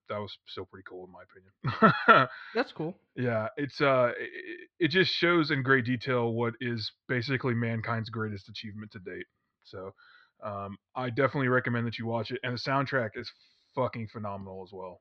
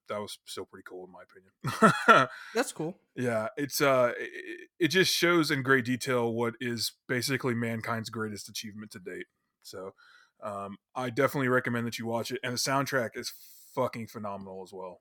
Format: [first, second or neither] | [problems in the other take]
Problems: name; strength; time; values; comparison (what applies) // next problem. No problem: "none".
second | muffled; very slightly; fading above 4 kHz